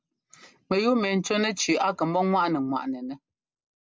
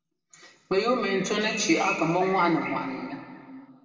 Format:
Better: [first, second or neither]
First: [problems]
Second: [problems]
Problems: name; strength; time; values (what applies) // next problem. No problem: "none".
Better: first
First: none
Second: background sound (Bird); 11 dB below the speech // room echo; dies away in 1.9 s